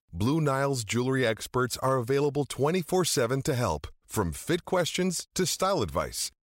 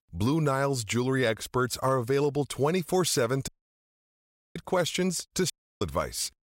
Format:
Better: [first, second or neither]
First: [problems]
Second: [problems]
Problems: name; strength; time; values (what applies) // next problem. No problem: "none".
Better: first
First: none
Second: audio cutting out; at 3.5 s for 1 s and at 5.5 s